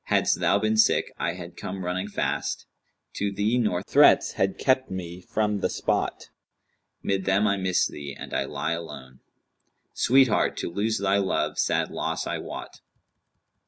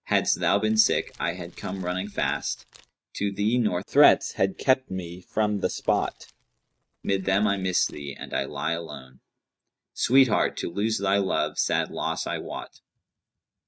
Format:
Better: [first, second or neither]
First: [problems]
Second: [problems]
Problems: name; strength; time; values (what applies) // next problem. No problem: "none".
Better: first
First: none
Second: noise reduction (neural mask model RNNoise)